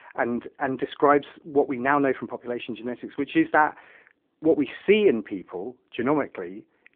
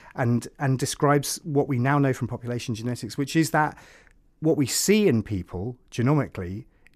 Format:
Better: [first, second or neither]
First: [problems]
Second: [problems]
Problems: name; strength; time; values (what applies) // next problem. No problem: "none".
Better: second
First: phone-call audio; nothing above 3.5 kHz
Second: none